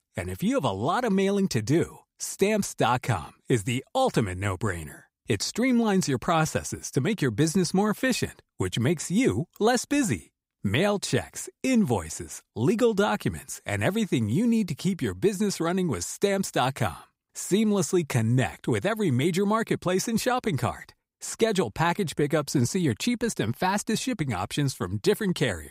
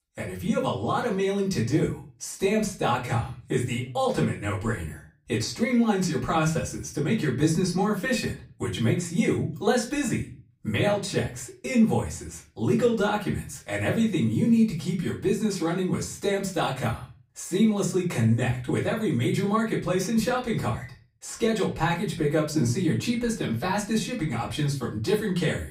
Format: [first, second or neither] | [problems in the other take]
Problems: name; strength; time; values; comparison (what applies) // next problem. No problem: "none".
first | off-mic speech; far // room echo; slight; dies away in 0.3 s